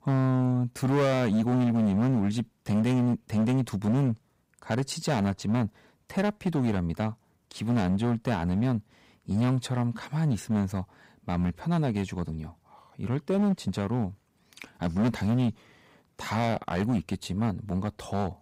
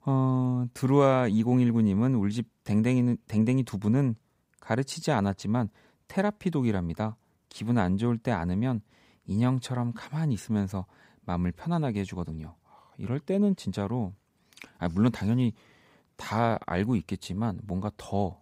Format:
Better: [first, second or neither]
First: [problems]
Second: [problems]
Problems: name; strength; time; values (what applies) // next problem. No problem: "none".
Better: second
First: distortion; slight; 10% of the sound clipped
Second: none